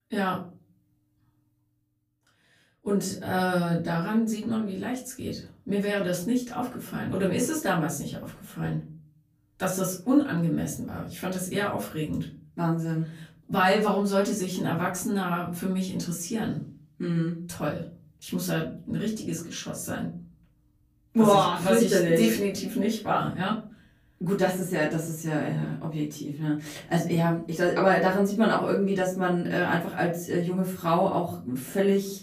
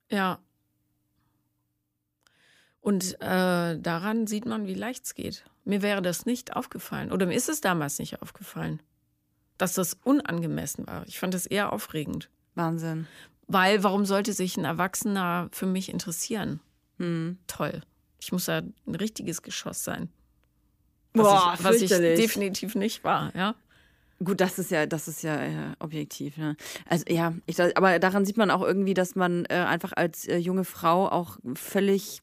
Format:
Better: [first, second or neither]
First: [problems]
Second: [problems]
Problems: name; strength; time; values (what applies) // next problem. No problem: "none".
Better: second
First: off-mic speech; far // room echo; slight; dies away in 0.4 s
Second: none